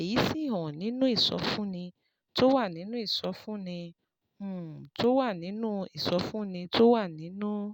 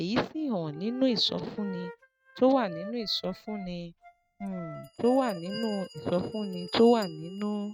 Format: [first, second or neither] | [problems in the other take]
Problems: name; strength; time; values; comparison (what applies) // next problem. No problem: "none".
first | noise reduction (neural mask model RNNoise)